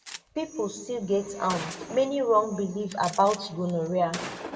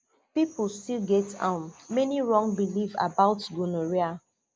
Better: second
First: background sound (Gunshot, gunfire); 14 dB below the speech // room echo; dies away in 1.1 s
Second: none

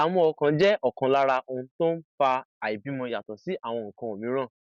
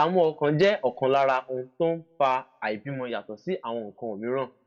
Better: first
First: none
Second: room echo; dies away in 0.3 s

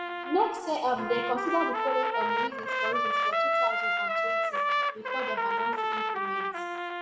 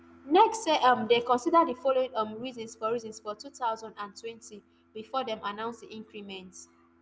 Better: second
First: background sound (Trumpet); 4 dB above the speech // room echo; dies away in 0.9 s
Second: none

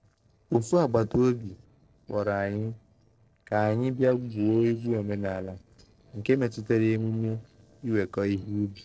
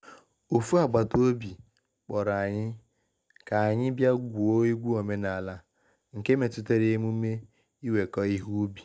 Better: second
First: noise reduction (neural separator model SepFormer DNS4)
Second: none

